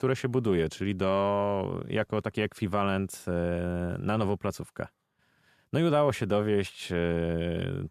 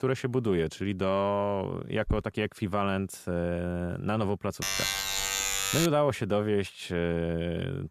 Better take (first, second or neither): first